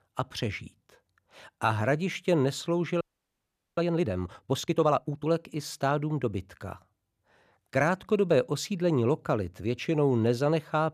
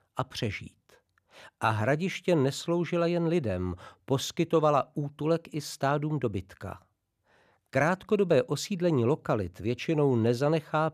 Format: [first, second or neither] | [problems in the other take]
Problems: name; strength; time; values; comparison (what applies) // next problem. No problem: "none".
second | audio freezing; at 3 s for 1 s